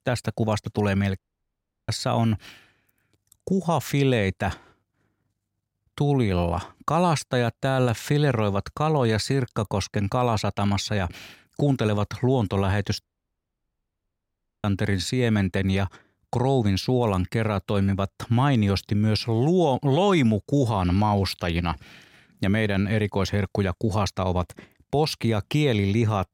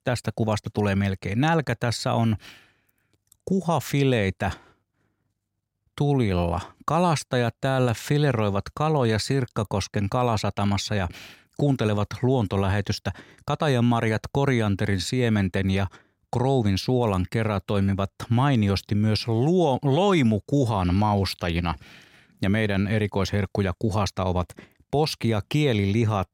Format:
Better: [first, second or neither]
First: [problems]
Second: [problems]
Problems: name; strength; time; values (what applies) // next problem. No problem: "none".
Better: second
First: audio cutting out; at 1 s for 0.5 s and at 13 s for 1.5 s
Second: none